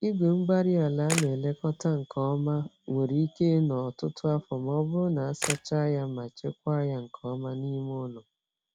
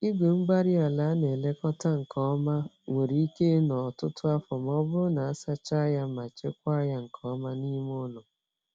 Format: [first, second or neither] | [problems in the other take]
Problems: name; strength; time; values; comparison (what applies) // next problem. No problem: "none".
second | background sound (Camera); 11 dB below the speech